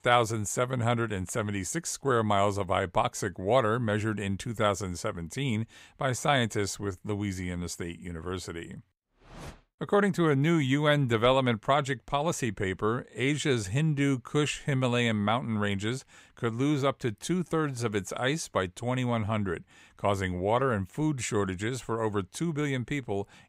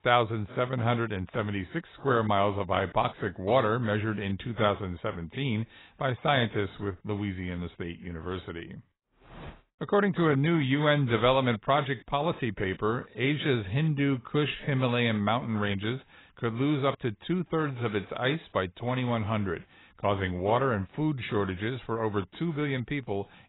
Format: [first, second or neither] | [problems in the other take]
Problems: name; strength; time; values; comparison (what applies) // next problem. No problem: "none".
first | garbled, watery; badly; nothing above 4 kHz